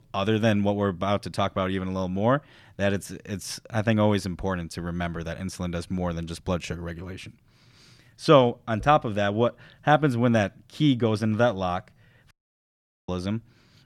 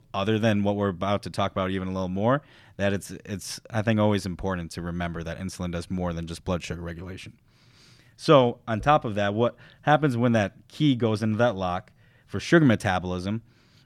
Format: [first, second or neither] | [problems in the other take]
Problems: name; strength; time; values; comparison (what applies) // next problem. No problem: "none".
second | audio cutting out; at 12 s for 1 s